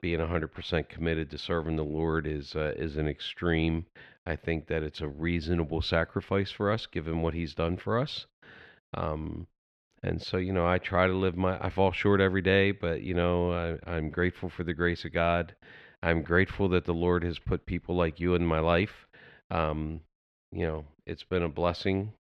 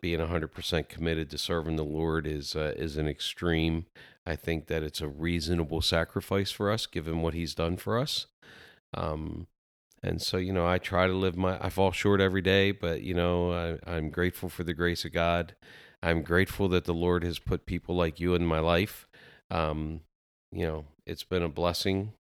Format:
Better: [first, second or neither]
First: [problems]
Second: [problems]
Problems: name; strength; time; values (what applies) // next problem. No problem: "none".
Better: second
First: muffled; slightly; fading above 2.5 kHz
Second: none